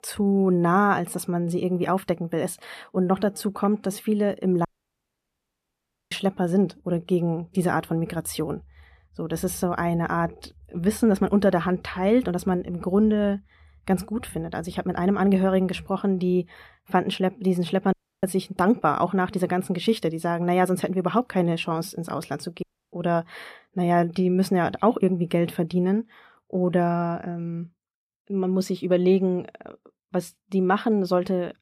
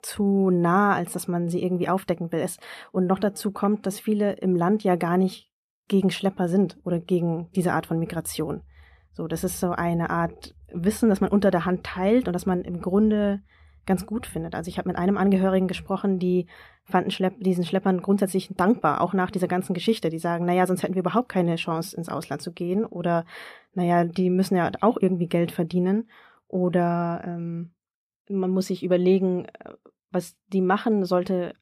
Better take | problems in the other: second | audio cutting out; at 4.5 s for 1.5 s, at 18 s and at 23 s

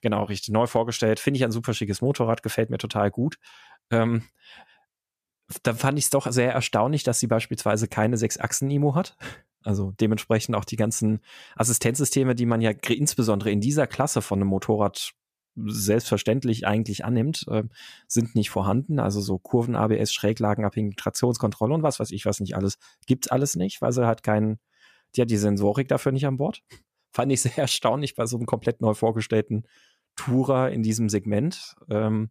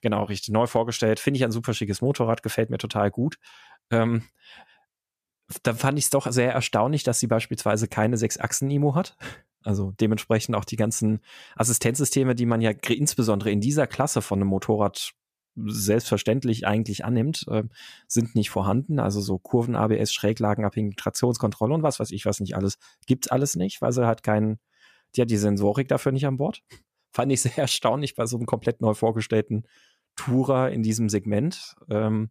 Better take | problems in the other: neither | none

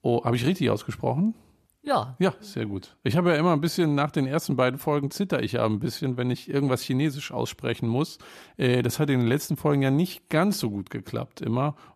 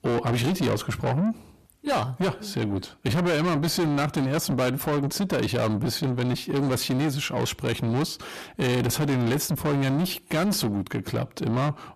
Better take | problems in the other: first | distortion; heavy; 6 dB below the speech

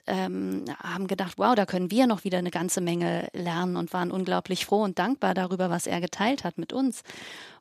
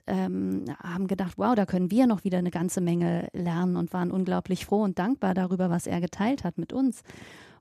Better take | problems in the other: second | thin; very slightly; fading below 950 Hz

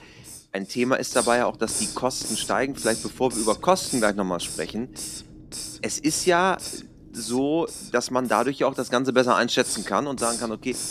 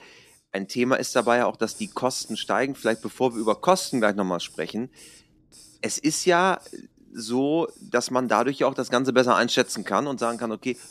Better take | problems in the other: second | hiss; loud; throughout; 8 dB below the speech; faint in the second

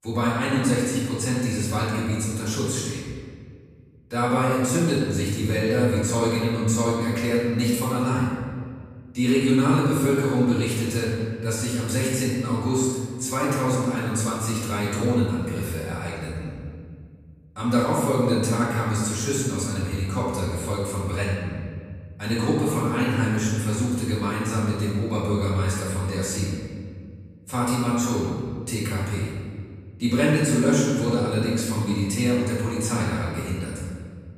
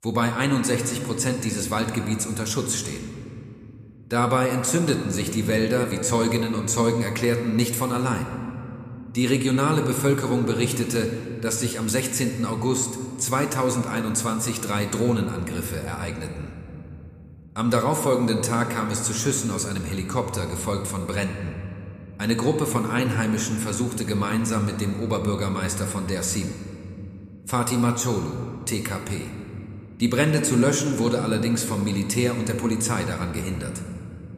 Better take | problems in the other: second | room echo; strong; dies away in 1.9 s; slight in the second // off-mic speech; far

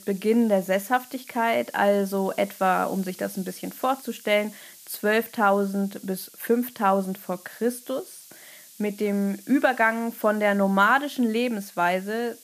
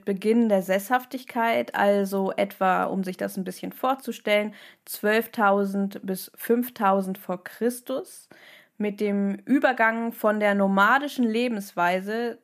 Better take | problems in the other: second | hiss; faint; throughout; 20 dB below the speech

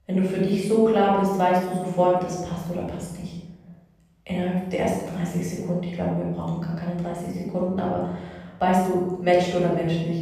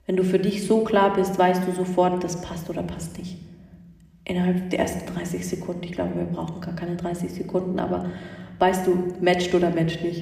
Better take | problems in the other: second | room echo; strong; dies away in 1 s; slight in the second // off-mic speech; far

